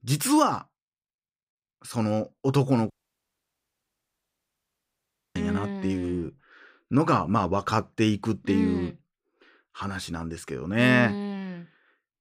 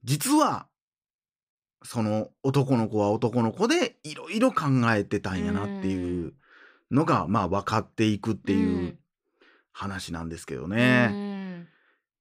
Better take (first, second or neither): second